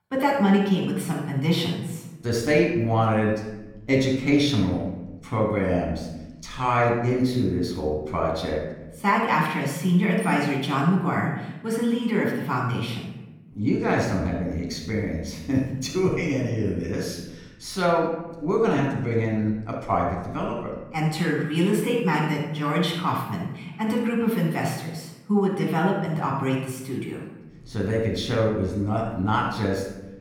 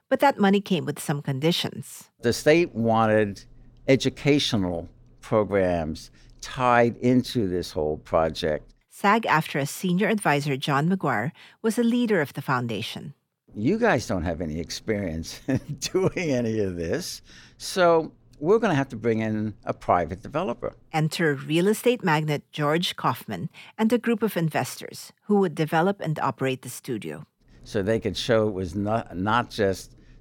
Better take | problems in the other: second | off-mic speech; far // room echo; noticeable; dies away in 0.9 s

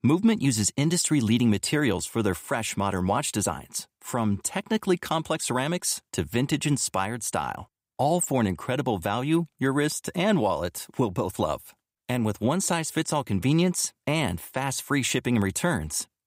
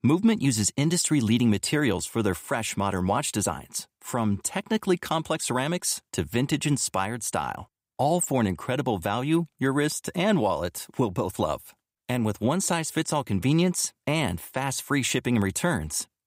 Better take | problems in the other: neither | none

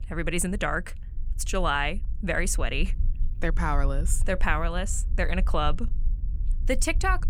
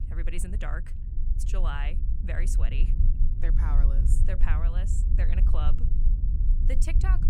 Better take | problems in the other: first | low rumble; loud; throughout; 7 dB below the speech; faint in the first

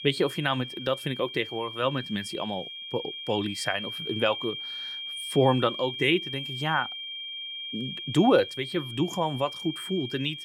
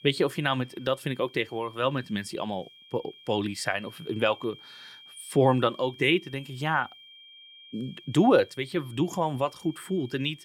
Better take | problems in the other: second | high-pitched whine; loud; throughout; 3 kHz, 7 dB below the speech; faint in the second

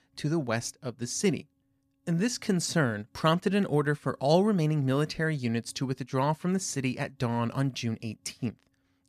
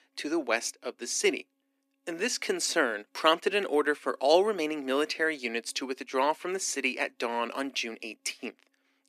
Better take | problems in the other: first | thin; somewhat; fading below 300 Hz

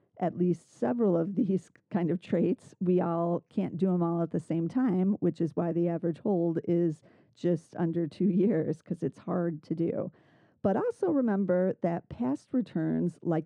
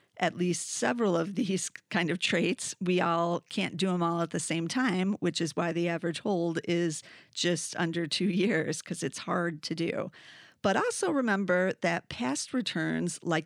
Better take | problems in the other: second | muffled; very; fading above 1.5 kHz

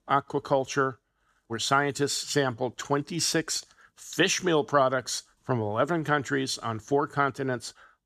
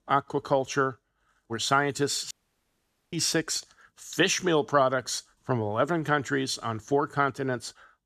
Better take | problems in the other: first | audio cutting out; at 2.5 s for 1 s

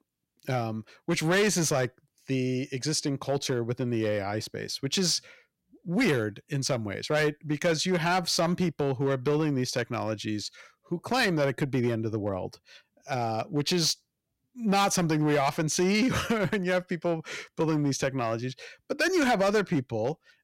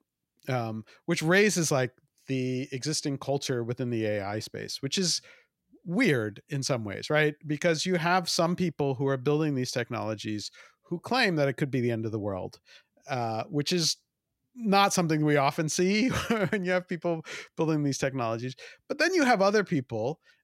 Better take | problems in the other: second | distortion; slight; 5% of the sound clipped

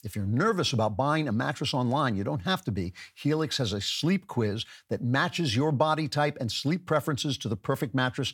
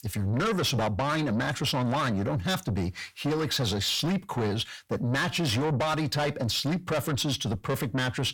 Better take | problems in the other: first | distortion; heavy; 6 dB below the speech

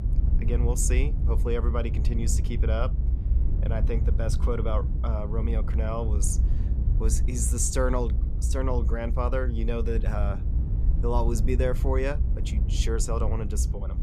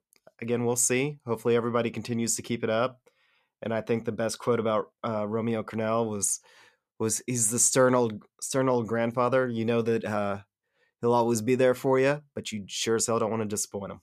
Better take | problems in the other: second | low rumble; noticeable; throughout; 10 dB below the speech

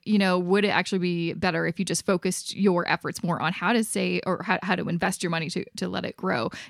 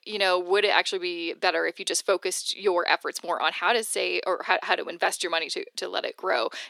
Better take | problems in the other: first | thin; very; fading below 350 Hz

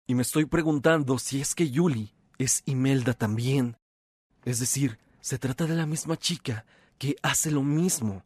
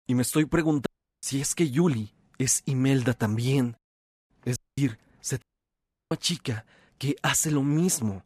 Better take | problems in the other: first | audio cutting out; at 1 s, at 4.5 s and at 5.5 s for 0.5 s

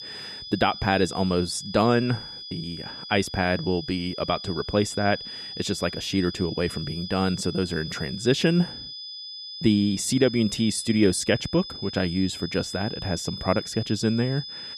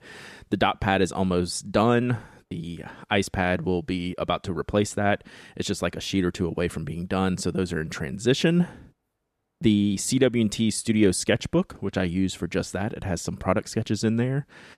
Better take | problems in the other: second | high-pitched whine; loud; throughout; 5 kHz, 10 dB below the speech

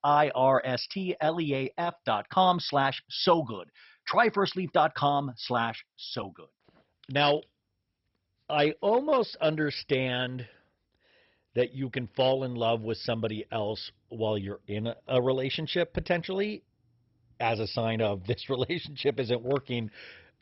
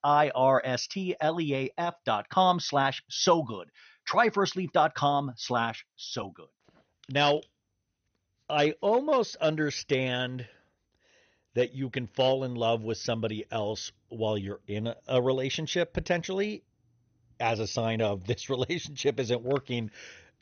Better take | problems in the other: second | garbled, watery; badly; nothing above 5.5 kHz; slightly in the second

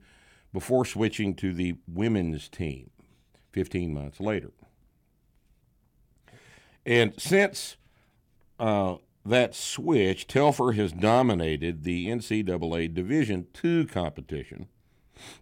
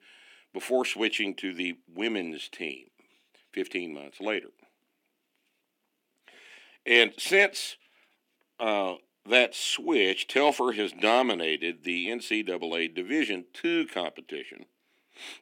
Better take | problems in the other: first | thin; somewhat; fading below 250 Hz

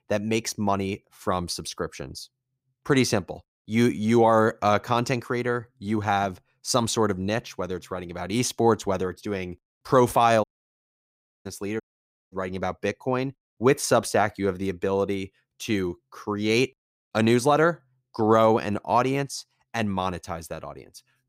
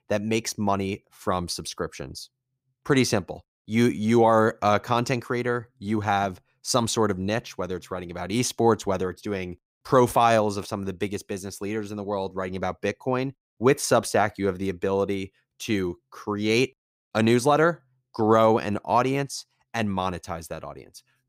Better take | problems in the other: second | audio cutting out; at 10 s for 1 s and at 12 s for 0.5 s

